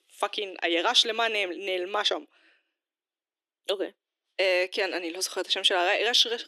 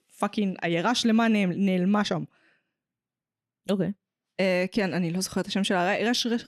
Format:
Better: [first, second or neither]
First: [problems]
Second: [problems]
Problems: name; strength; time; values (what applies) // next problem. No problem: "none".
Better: second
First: thin; very; fading below 300 Hz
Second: none